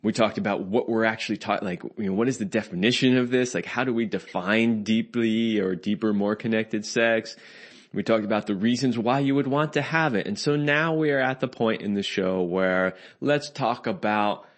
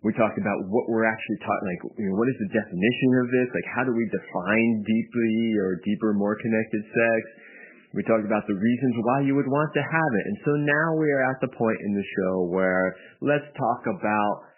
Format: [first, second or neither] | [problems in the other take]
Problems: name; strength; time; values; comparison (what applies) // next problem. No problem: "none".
first | garbled, watery; badly; nothing above 3 kHz; slightly in the first